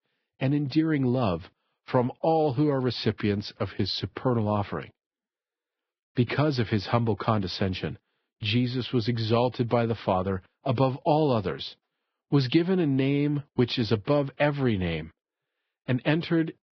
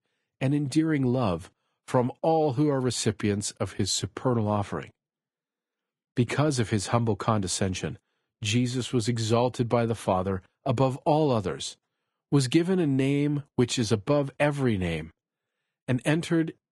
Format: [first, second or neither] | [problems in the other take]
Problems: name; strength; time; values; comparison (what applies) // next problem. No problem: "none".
second | garbled, watery; badly; nothing above 5 kHz; slightly in the second